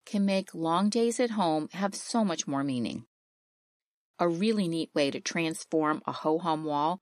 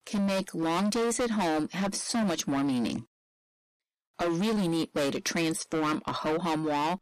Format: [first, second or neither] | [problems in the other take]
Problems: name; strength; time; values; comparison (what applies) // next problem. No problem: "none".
first | distortion; heavy; 25% of the sound clipped